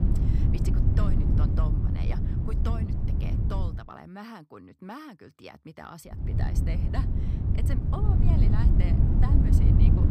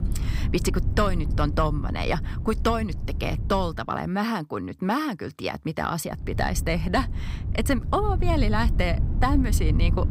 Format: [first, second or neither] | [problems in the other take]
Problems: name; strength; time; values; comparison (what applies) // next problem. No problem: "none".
second | wind noise on the microphone; heavy; until 3.5 s and from 6 s on; 4 dB above the speech; occasional gusts in the second